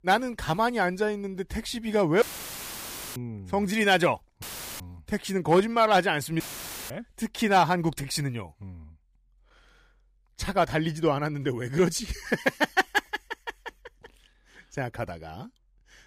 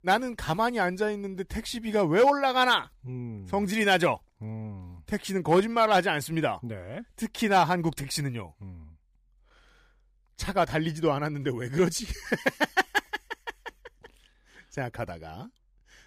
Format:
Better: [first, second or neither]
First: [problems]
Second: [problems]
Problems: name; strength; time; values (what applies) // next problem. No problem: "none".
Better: second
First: audio cutting out; filled with static; at 2 s for 1 s, at 4.5 s and at 6.5 s for 0.5 s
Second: none